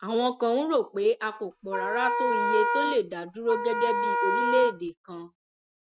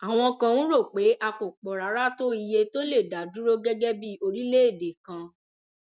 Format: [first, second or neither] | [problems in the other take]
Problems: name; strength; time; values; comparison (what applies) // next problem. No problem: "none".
second | noise reduction (neural mask model RNNoise)